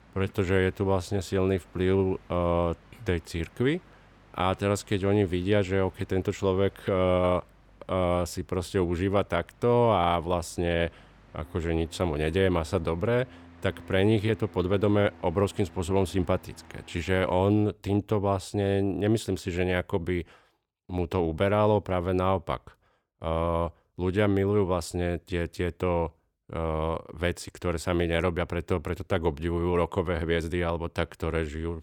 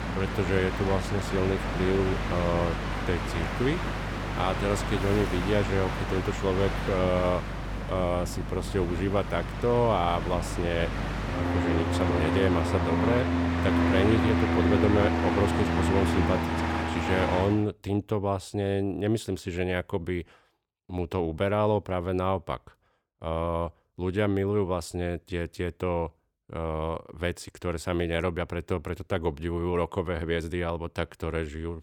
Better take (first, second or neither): first